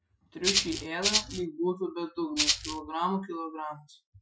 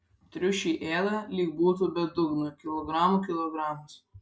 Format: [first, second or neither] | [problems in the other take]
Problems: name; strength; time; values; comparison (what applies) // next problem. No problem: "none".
second | noise reduction (classical method Wiener filter)